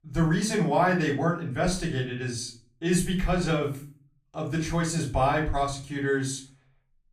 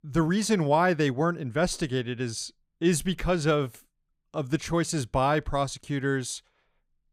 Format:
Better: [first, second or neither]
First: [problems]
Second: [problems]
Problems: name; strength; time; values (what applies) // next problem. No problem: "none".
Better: second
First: off-mic speech; far // room echo; slight; dies away in 0.3 s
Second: none